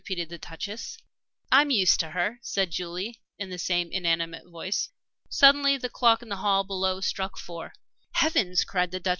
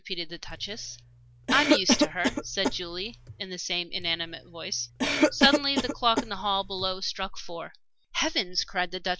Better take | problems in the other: first | background sound (Cough); 1 dB above the speech

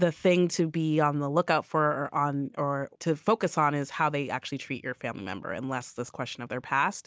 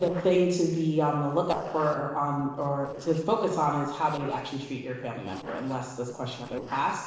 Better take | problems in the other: first | noise reduction (neural separator model SepFormer DNS4)

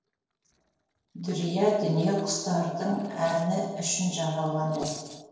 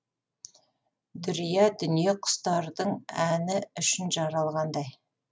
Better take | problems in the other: second | noise reduction (neural separator model SepFormer DNS4)

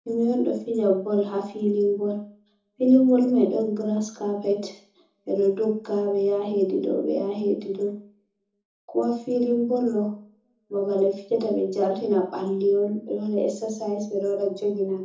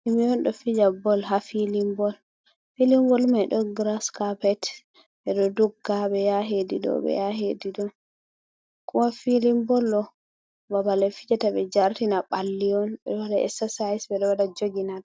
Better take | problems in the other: second | room echo; dies away in 0.5 s

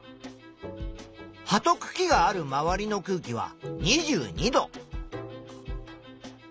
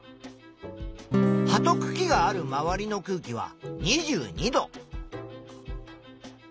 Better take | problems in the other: first | background sound (Acoustic guitar / Strum); 3 dB above the speech

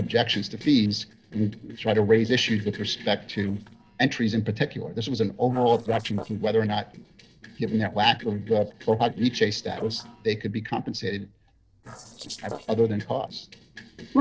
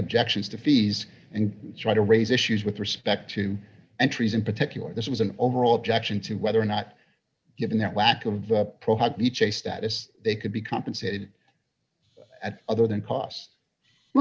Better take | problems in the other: second | noise reduction (neural separator model SepFormer DNS4)

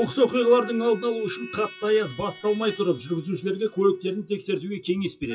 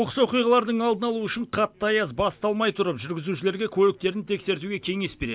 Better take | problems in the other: second | noise reduction (classical method WPE with log-MMSE)

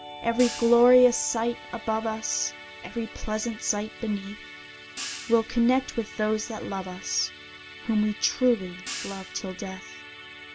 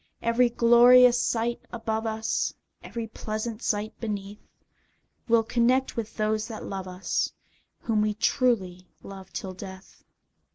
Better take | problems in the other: second | background sound (Musical instrument + Hi-hat); 14 dB below the speech

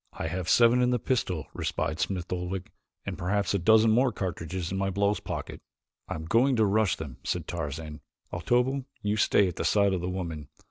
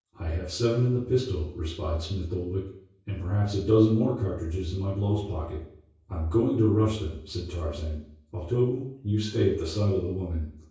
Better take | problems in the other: first | room echo; dies away in 0.6 s

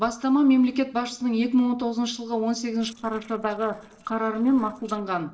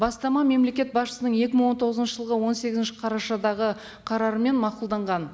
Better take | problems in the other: second | noise reduction (neural separator model SepFormer DNS4)

